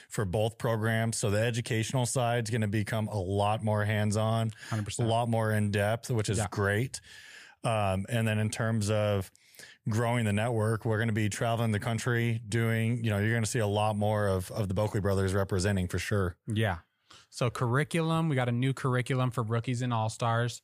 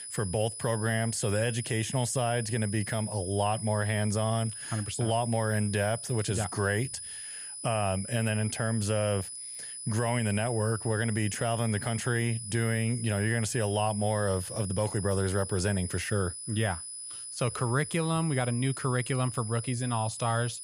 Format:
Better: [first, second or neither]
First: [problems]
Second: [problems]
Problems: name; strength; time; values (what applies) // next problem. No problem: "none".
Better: first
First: none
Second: high-pitched whine; loud; throughout; 10 kHz, 8 dB below the speech